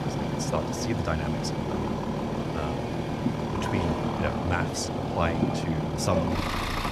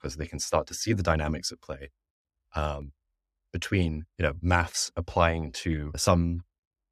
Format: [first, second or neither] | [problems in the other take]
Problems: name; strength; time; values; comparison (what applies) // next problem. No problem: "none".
second | traffic noise; very loud; throughout; 3 dB above the speech